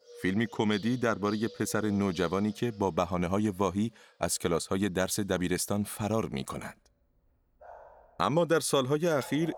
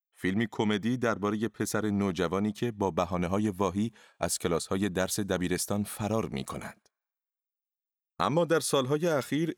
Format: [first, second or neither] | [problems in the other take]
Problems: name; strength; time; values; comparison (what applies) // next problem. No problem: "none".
second | animal sounds; faint; throughout; 20 dB below the speech